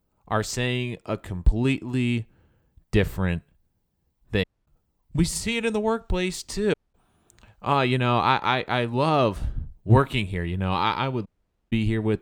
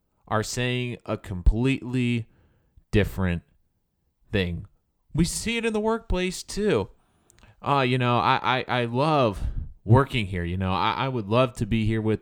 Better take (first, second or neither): second